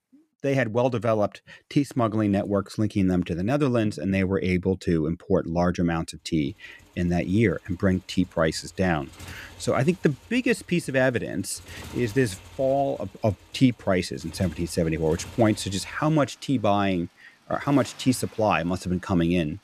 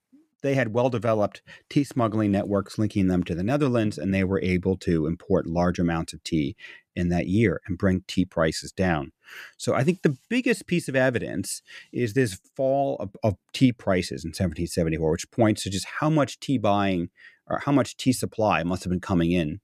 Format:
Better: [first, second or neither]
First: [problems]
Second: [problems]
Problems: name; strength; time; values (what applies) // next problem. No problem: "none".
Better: second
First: traffic noise; faint; from 6.5 s on; 25 dB below the speech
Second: none